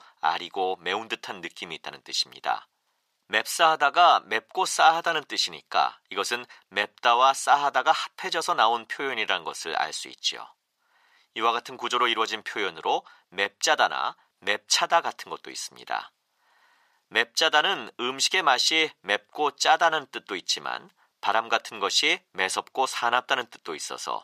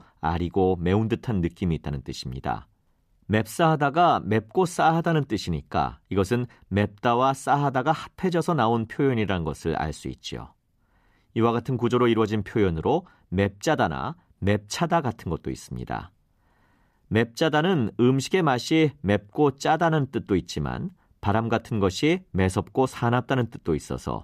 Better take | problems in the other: second | thin; very; fading below 850 Hz

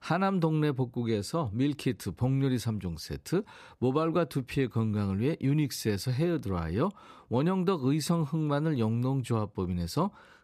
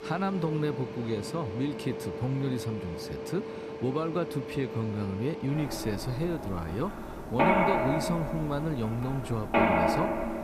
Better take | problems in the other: first | machinery noise; very loud; throughout; as loud as the speech

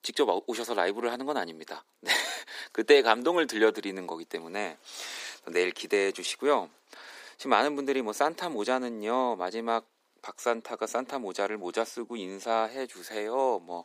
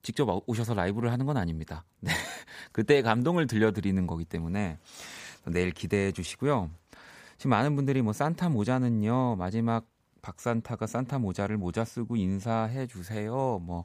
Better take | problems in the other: second | thin; somewhat; fading below 300 Hz

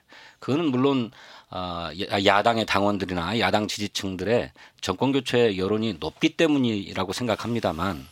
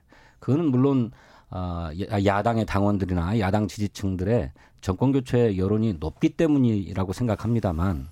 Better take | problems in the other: second | thin; very slightly; fading below 950 Hz

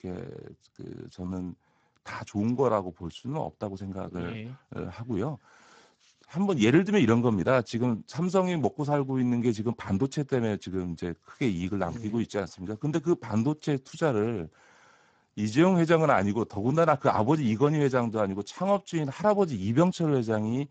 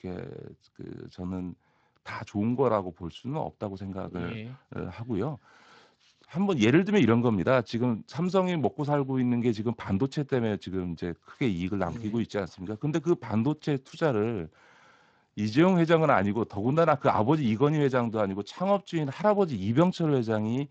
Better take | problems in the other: second | garbled, watery; badly; nothing above 7.5 kHz; slightly in the second

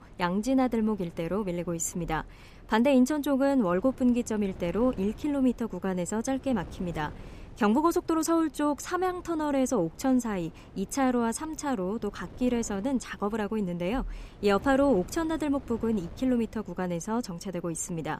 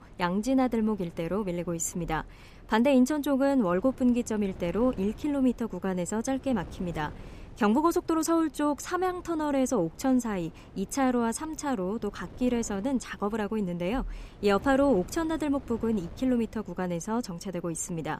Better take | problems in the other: neither | wind noise on the microphone; occasional gusts; 25 dB below the speech; the same in both

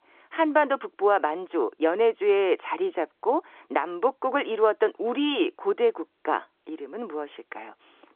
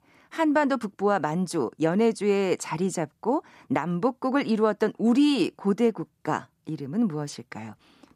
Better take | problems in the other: second | phone-call audio; nothing above 3.5 kHz

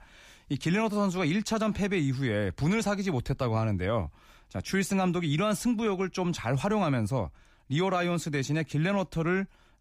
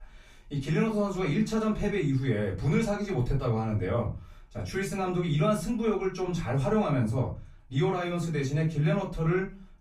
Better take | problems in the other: first | off-mic speech; far // room echo; slight; dies away in 0.3 s

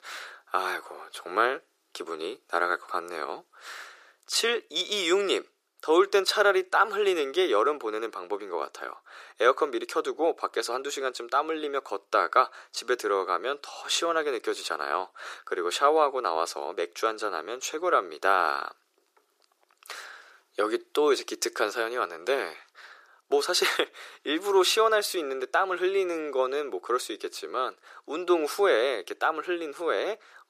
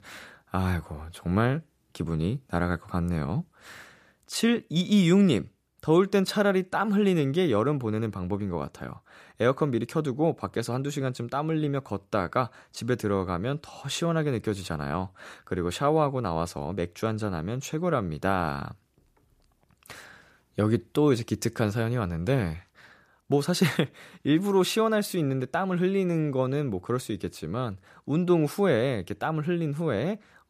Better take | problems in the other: second | thin; very; fading below 350 Hz

